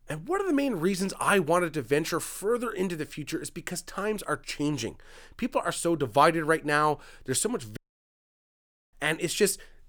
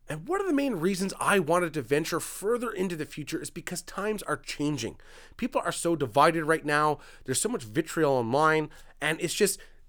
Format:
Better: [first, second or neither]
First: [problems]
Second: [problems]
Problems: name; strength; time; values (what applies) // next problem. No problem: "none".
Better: second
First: audio cutting out; at 8 s for 1 s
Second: none